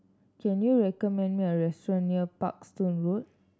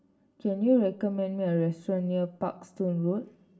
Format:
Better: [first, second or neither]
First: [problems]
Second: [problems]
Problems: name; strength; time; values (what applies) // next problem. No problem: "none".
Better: first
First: none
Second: room echo; dies away in 0.4 s